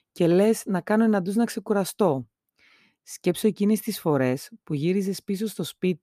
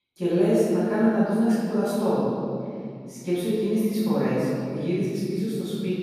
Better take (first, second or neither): first